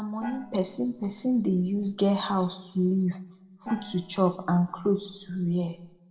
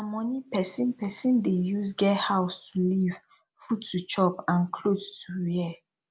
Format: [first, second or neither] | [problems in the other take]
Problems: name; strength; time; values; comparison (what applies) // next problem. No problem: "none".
second | noise reduction (neural separator model SepFormer DNS4)